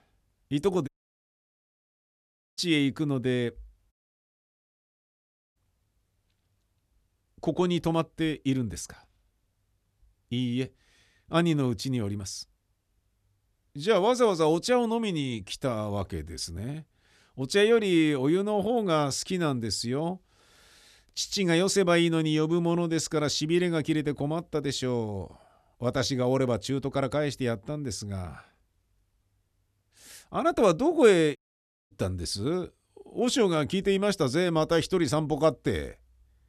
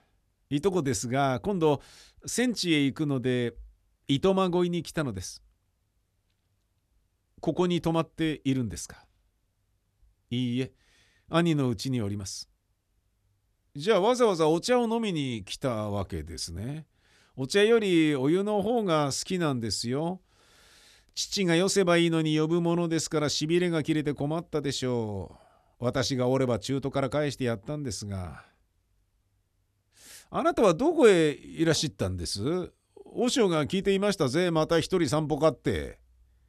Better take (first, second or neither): second